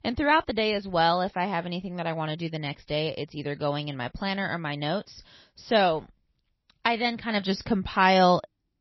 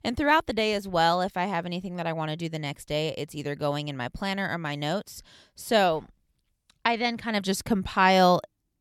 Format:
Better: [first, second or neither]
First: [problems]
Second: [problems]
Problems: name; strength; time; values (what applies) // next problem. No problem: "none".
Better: second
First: garbled, watery; slightly; nothing above 5.5 kHz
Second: none